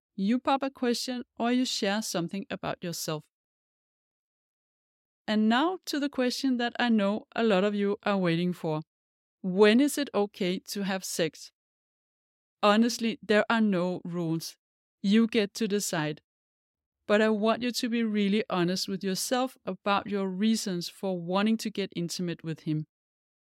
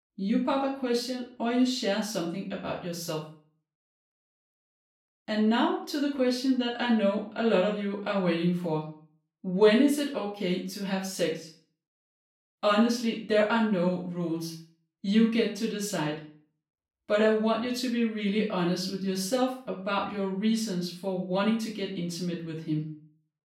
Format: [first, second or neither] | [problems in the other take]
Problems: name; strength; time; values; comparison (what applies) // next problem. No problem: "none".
first | off-mic speech; far // room echo; slight; dies away in 0.4 s